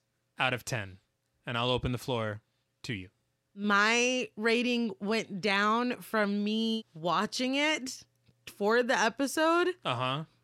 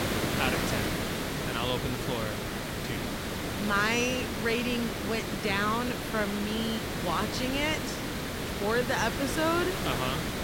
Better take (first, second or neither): first